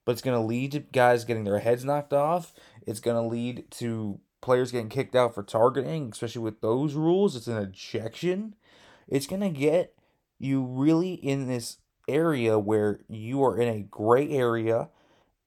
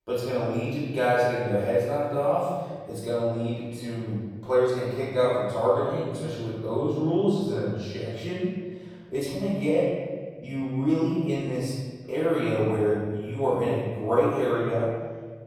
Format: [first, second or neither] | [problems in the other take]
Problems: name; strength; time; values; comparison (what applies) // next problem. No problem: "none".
first | room echo; strong; dies away in 1.5 s // off-mic speech; far